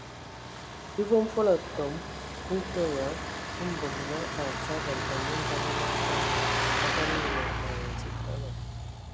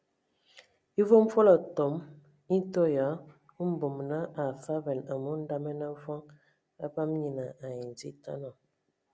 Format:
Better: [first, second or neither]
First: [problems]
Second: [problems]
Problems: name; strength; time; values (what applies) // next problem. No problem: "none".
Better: second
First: background sound (Truck); 1 dB above the speech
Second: none